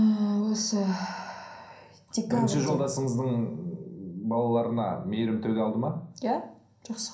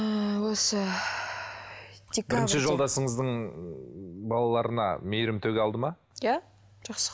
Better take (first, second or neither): second